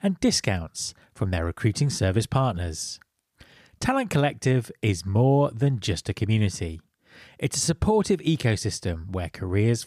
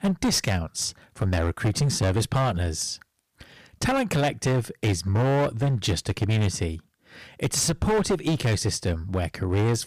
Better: first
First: none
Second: distortion; heavy; 15% of the sound clipped

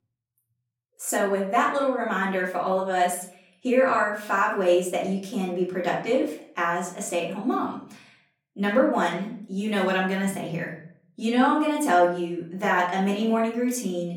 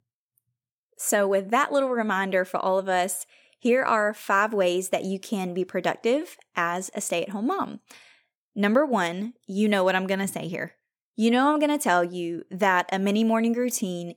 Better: second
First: off-mic speech; far // room echo; slight; dies away in 0.6 s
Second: none

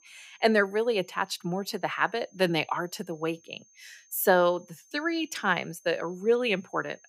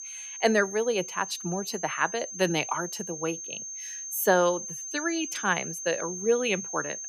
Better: first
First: high-pitched whine; faint; throughout; 6.5 kHz, 30 dB below the speech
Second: high-pitched whine; loud; throughout; 6.5 kHz, 7 dB below the speech

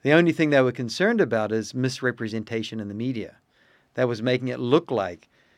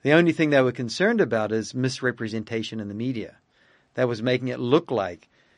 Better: first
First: none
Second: garbled, watery; slightly; nothing above 10.5 kHz

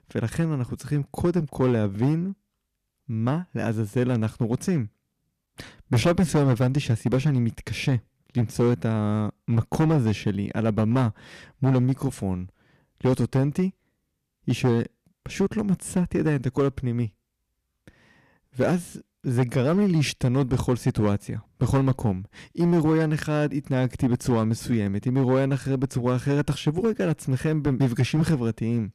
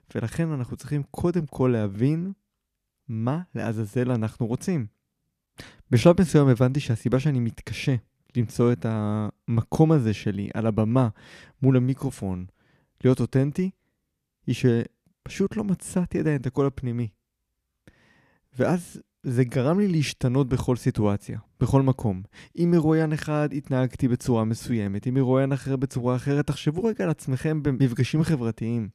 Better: second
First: distortion; slight; 5% of the sound clipped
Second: none

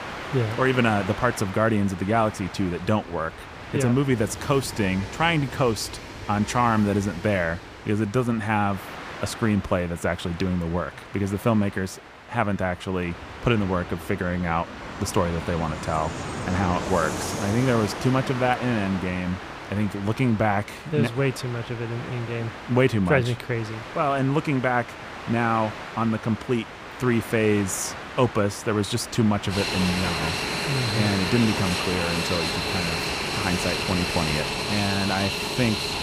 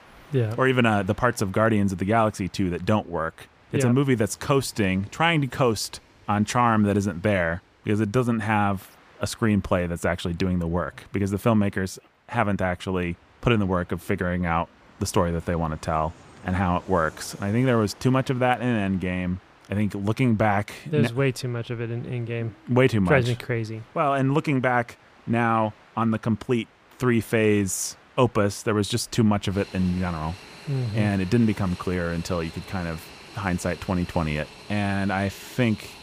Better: second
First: train or aircraft noise; loud; throughout; 6 dB below the speech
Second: train or aircraft noise; faint; throughout; 25 dB below the speech

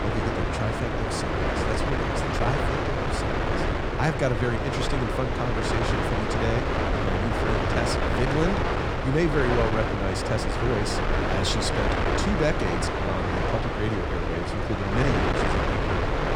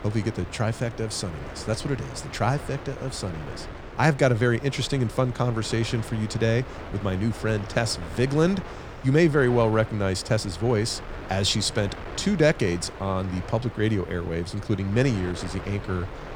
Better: second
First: wind noise on the microphone; heavy; 5 dB above the speech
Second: wind noise on the microphone; occasional gusts; 10 dB below the speech

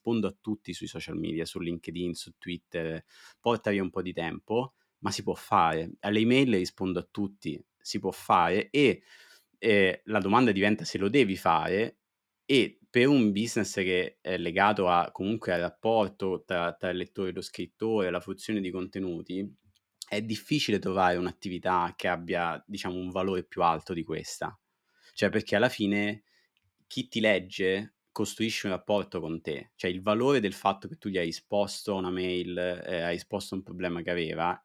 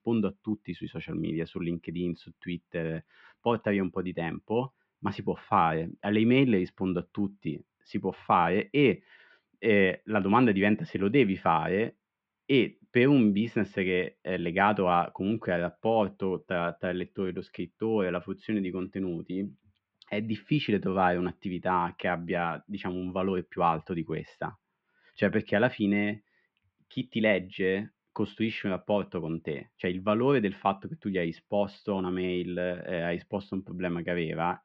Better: first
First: none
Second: muffled; very; fading above 3 kHz

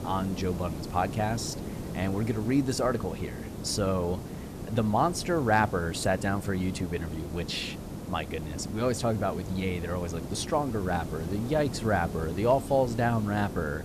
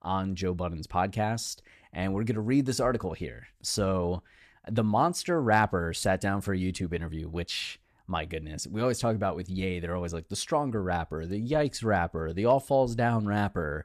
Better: second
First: hiss; loud; throughout; 9 dB below the speech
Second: none

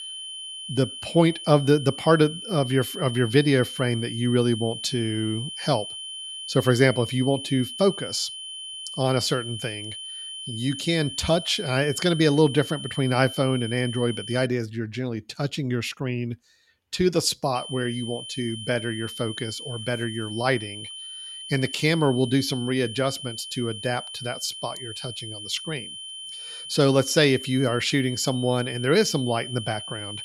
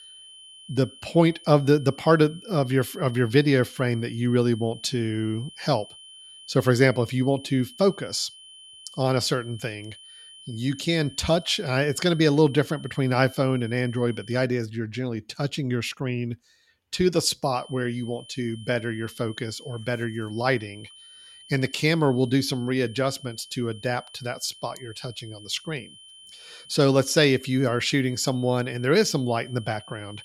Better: second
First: high-pitched whine; loud; until 14 s and from 18 s on; 3 kHz, 10 dB below the speech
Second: high-pitched whine; faint; until 14 s and from 18 s on; 3 kHz, 20 dB below the speech

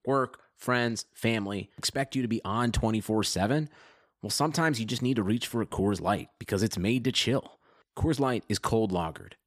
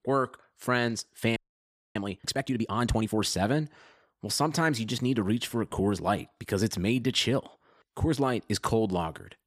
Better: first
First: none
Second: audio freezing; at 1.5 s for 0.5 s

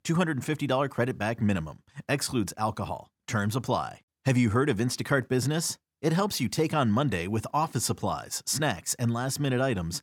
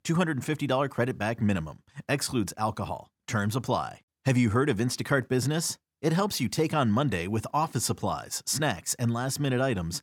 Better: neither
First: none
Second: none

